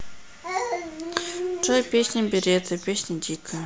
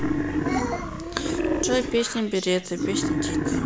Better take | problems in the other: first | background sound (Wild animals); as loud as the speech

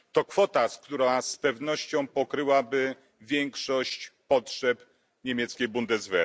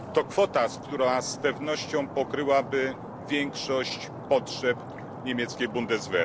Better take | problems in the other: first | background sound (Stream); 11 dB below the speech

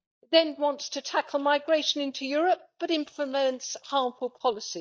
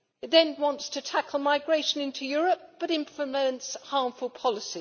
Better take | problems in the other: second | noise reduction (neural mask model DeepFilterNet 3)

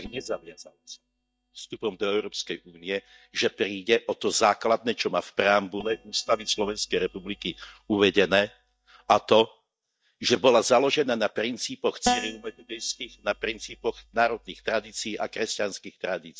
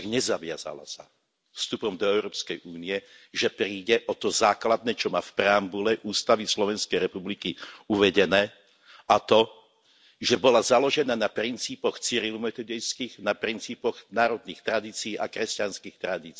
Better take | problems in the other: second | noise reduction (neural mask model DeepFilterNet 3)

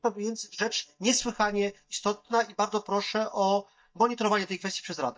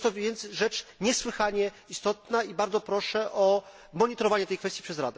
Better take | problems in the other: second | noise reduction (neural mask model DeepFilterNet 3)

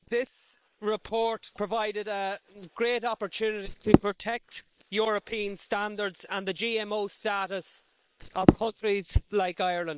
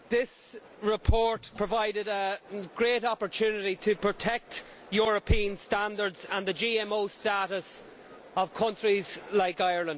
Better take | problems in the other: second | noise reduction (neural separator model SepFormer WHAM!)

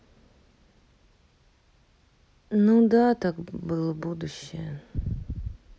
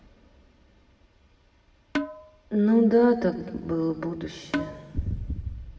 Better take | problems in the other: first | background sound (Percussion); 6 dB below the speech // room echo; dies away in 2.8 s

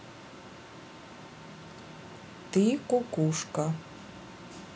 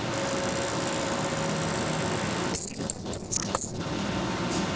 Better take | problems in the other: first | noise reduction (neural separator model SepFormer DNS4)

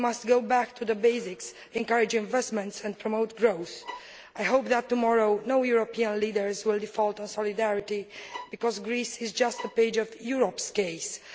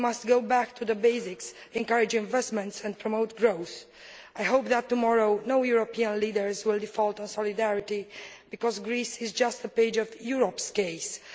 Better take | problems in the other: second | background sound (Bowed string instrument); 16 dB below the speech

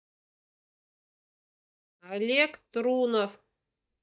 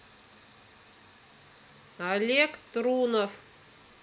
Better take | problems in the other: second | noise reduction (neural mask model DeepFilterNet 3)

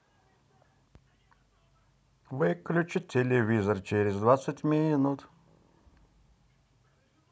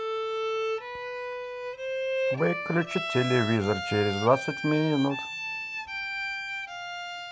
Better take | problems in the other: first | background sound (Bowed string instrument); 3 dB below the speech

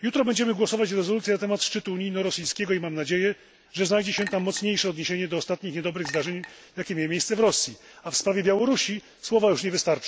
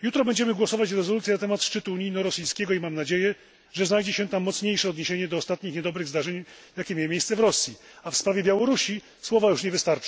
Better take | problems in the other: second | background sound (Chink, clink); 16 dB below the speech

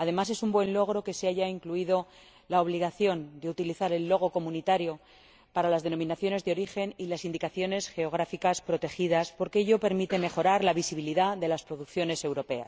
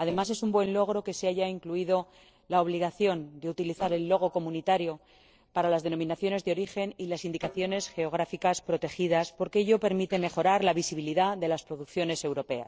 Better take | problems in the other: first | noise reduction (neural separator model SepFormer DNS4)

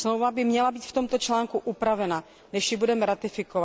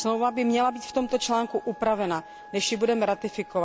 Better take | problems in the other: first | background sound (Wind instrument, woodwind instrument); 18 dB below the speech

